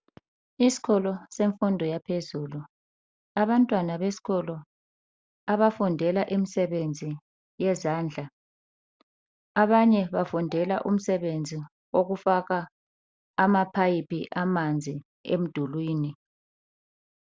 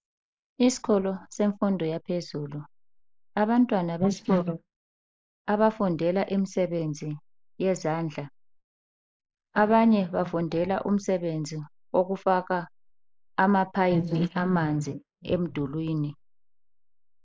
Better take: first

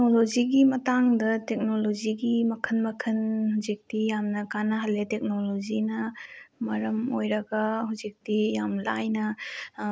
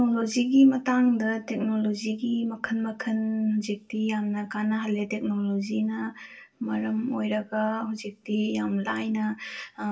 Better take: first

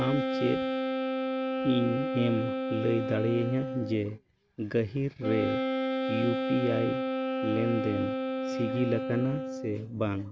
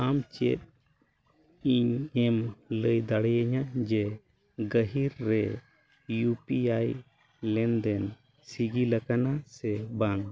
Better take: second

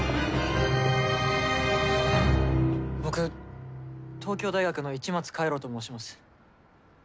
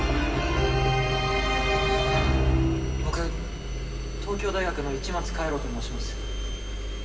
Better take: first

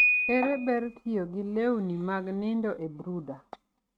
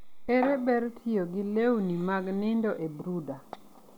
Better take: second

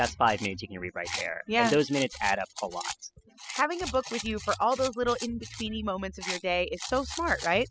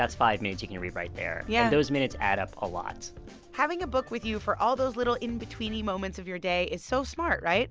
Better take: second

